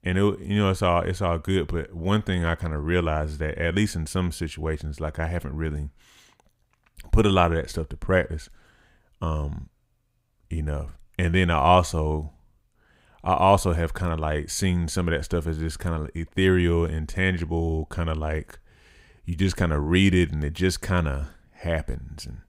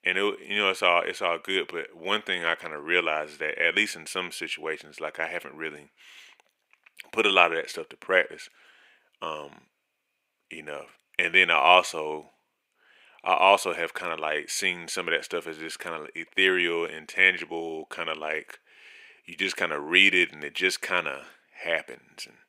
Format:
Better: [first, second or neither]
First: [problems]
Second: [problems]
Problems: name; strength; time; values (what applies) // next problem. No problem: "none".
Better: first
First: none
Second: thin; very; fading below 350 Hz